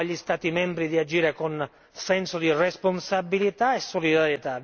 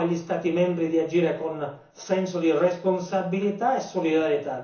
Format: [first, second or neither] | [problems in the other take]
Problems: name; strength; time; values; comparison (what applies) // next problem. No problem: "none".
first | room echo; dies away in 0.7 s